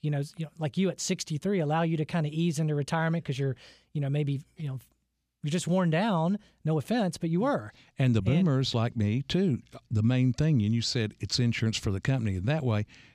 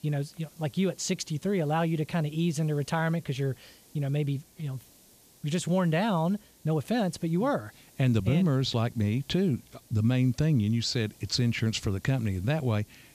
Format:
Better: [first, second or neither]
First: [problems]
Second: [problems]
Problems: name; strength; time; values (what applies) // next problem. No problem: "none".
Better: first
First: none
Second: hiss; faint; throughout; 25 dB below the speech